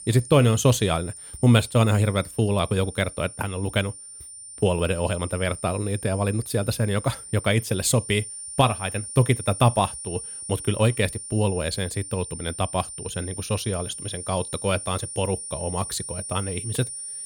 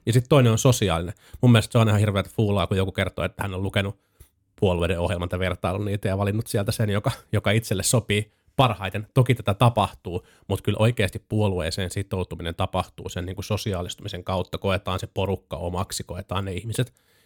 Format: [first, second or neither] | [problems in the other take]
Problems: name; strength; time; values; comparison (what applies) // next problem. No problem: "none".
second | high-pitched whine; noticeable; throughout; 9.5 kHz, 10 dB below the speech